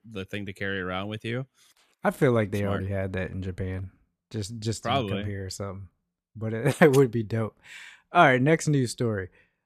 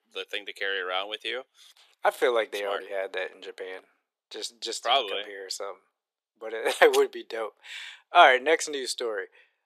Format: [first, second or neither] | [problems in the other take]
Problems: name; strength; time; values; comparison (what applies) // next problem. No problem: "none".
first | thin; very; fading below 400 Hz